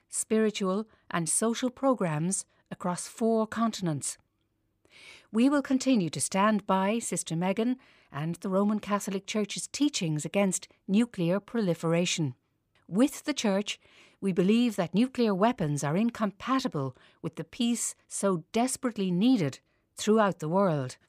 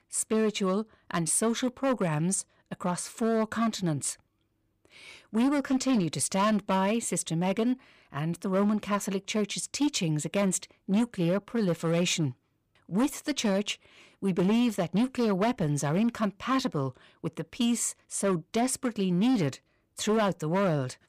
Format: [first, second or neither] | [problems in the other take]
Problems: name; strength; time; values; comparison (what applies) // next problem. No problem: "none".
first | distortion; slight; 8% of the sound clipped